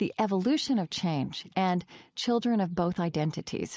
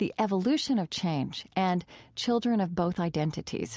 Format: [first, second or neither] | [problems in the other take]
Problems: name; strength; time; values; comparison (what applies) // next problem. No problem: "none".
second | noise reduction (neural mask model Resemble Enhance denoiser)